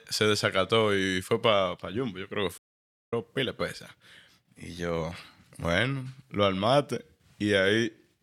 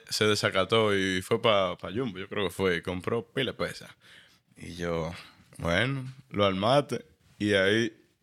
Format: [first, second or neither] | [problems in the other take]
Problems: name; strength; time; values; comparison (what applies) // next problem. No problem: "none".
second | audio cutting out; at 2.5 s for 0.5 s